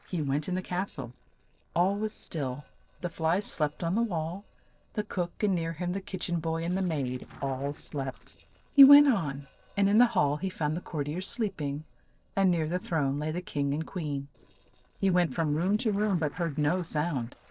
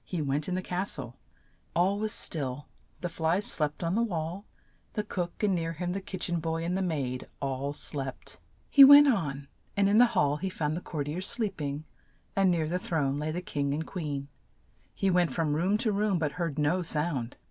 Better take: second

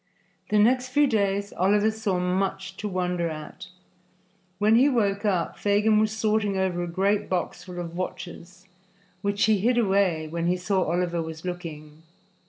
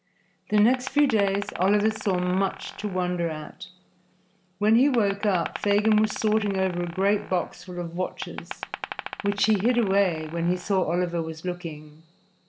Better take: first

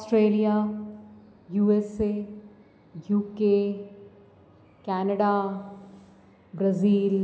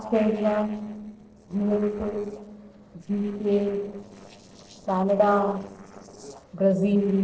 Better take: first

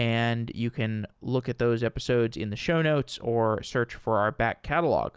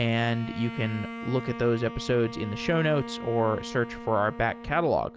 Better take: first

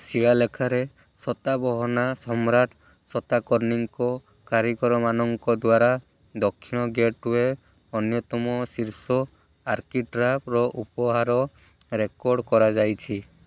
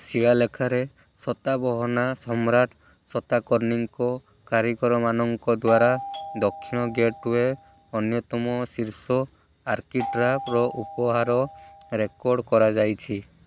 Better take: first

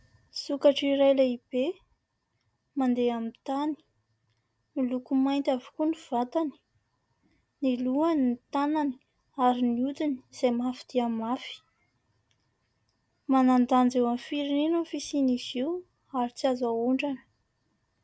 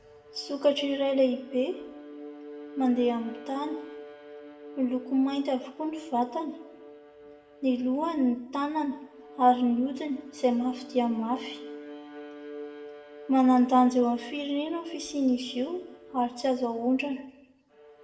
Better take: first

